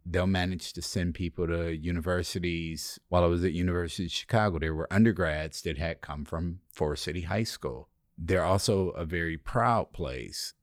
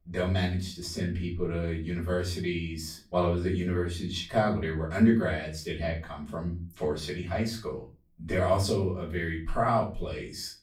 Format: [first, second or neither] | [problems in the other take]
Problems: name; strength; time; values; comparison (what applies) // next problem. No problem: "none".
first | room echo; slight; dies away in 0.3 s // off-mic speech; far